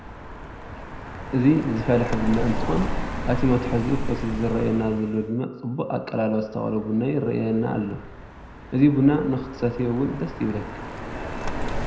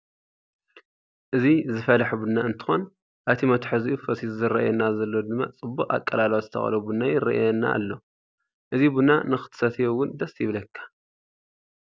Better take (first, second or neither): second